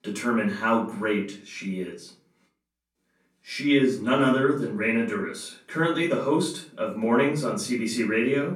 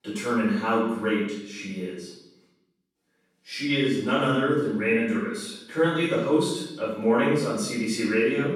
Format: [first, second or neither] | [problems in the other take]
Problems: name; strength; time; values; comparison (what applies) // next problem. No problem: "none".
first | room echo; strong; dies away in 0.7 s; slight in the first // off-mic speech; far; far in the first